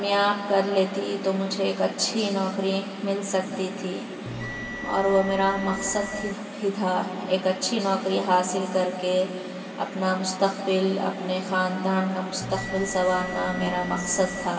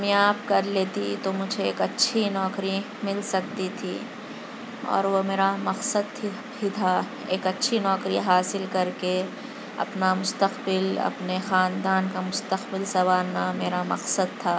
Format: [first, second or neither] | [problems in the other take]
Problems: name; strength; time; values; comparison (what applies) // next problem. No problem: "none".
second | background sound (Bell); 11 dB below the speech // room echo; dies away in 2.2 s